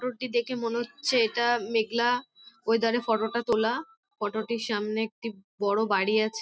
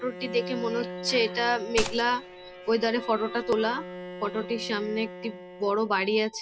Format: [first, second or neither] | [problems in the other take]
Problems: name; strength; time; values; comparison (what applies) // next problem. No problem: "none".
first | background sound (Gunshot, gunfire + Bowed string instrument); 10 dB below the speech